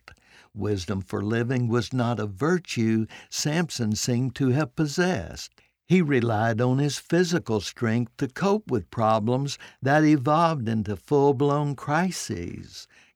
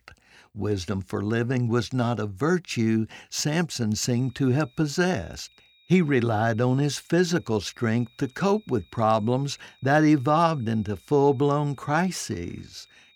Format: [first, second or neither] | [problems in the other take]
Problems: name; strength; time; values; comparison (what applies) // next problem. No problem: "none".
first | high-pitched whine; faint; from 4 s on; 4 kHz, 35 dB below the speech